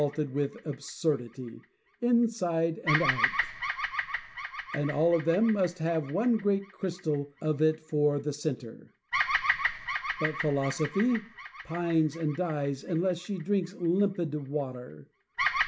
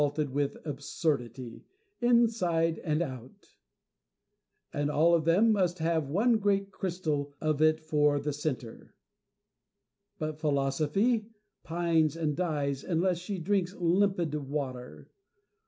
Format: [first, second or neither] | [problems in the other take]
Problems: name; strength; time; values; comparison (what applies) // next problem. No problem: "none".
second | background sound (Bird vocalization, bird call, bird song); 6 dB below the speech